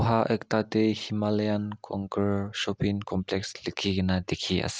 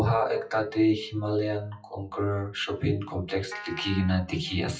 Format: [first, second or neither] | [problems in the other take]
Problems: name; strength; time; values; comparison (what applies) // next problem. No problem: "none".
first | noise reduction (classical method WPE with log-MMSE)